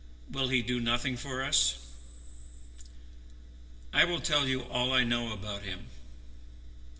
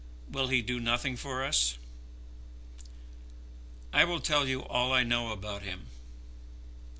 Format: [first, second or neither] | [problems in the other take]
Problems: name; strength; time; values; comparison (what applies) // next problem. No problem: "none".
second | room echo; dies away in 1.9 s